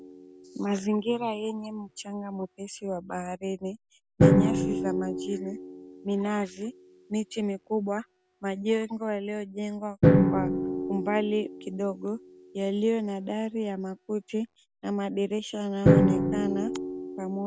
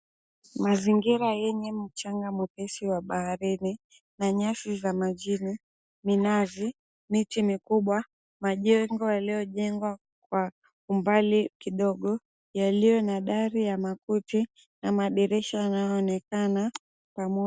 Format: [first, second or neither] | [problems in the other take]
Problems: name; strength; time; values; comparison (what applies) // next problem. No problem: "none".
second | background sound (Drum); 2 dB above the speech